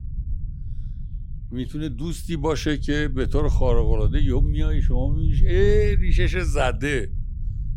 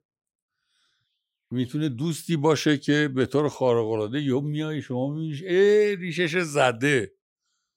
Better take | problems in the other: second | low rumble; noticeable; throughout; 15 dB below the speech

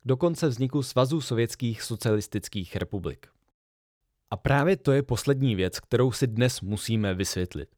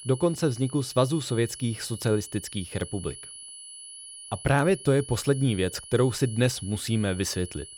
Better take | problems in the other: first | high-pitched whine; noticeable; throughout; 10.5 kHz, 15 dB below the speech

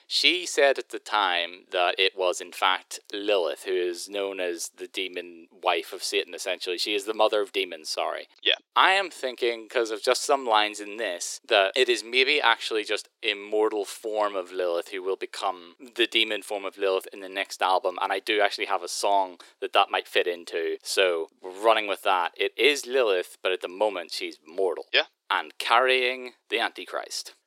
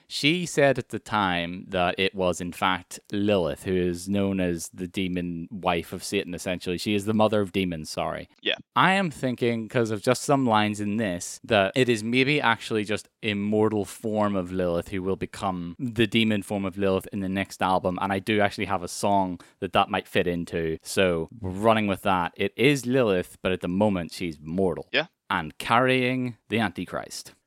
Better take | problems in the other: second | thin; very; fading below 350 Hz

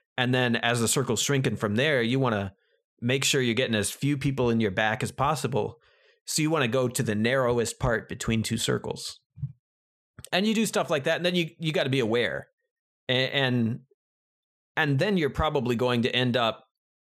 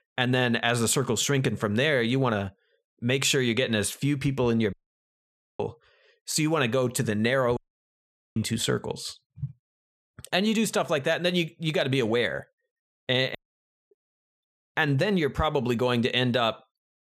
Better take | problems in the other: first | audio cutting out; at 4.5 s for 1 s, at 7.5 s for 1 s and at 13 s for 0.5 s

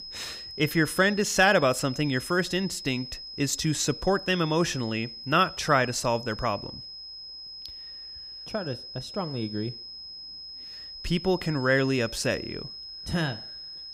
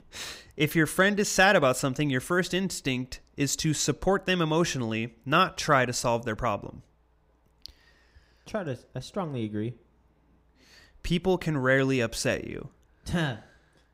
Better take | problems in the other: second | high-pitched whine; noticeable; throughout; 5 kHz, 10 dB below the speech

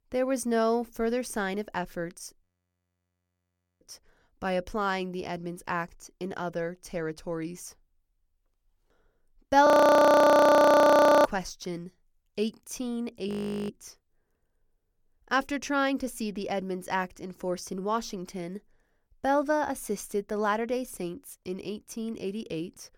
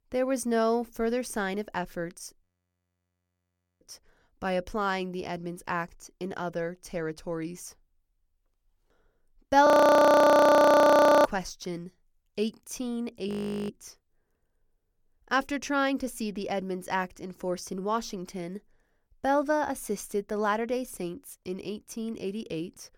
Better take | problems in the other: neither | audio freezing; at 2.5 s for 1.5 s, at 9.5 s for 1.5 s and at 13 s; the same in both

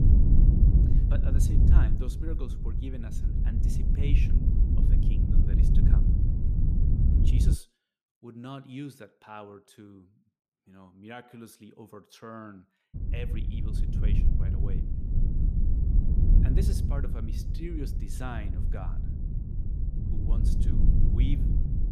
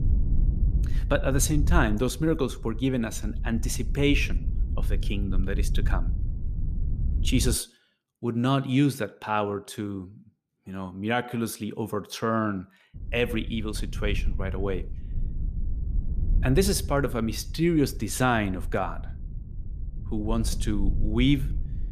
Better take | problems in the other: second | wind noise on the microphone; heavy; until 7.5 s and from 13 s on; 3 dB above the speech; occasional gusts in the second

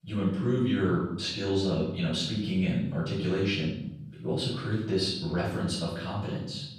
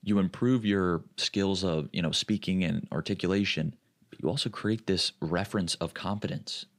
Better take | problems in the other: second | room echo; noticeable; dies away in 0.9 s // off-mic speech; far

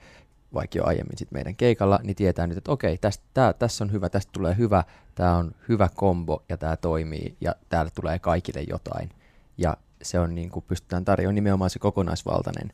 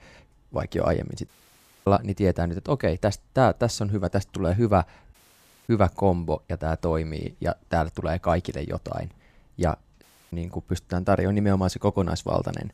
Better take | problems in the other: first | audio cutting out; at 1.5 s for 0.5 s, at 5 s for 0.5 s and at 10 s

